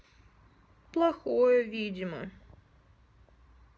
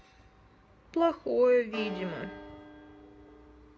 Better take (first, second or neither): first